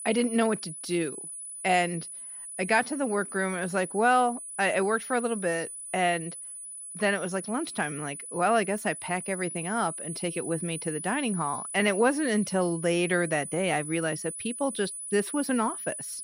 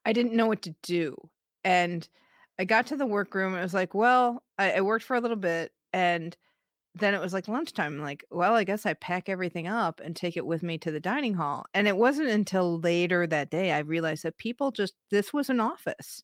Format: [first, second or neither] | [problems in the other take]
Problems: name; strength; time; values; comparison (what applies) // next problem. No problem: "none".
second | high-pitched whine; loud; throughout; 10 kHz, 8 dB below the speech